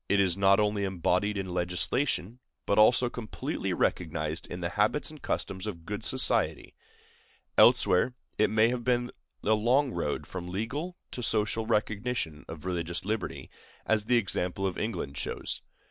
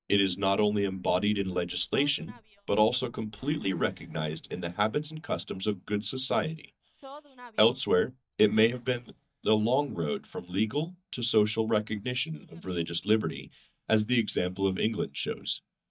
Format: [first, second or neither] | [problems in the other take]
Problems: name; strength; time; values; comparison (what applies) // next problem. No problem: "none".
first | noise reduction (neural mask model DeepFilterNet 3)